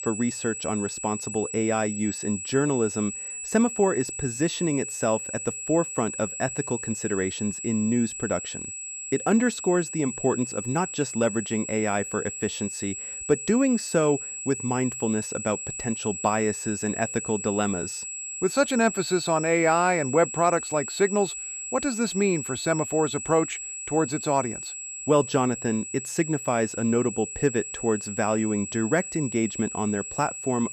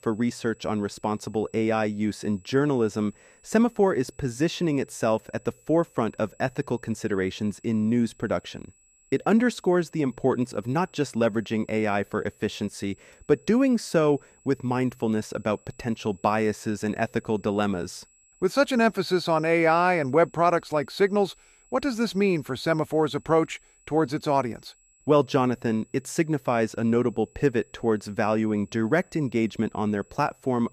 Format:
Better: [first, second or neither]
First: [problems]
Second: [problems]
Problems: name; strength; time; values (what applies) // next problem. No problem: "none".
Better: second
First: high-pitched whine; loud; throughout; 8 kHz, 6 dB below the speech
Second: high-pitched whine; faint; throughout; 8 kHz, 30 dB below the speech